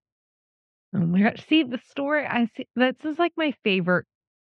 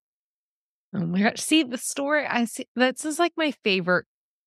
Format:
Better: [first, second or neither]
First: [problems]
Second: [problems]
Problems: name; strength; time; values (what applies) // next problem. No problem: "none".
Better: second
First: muffled; very; fading above 3 kHz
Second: none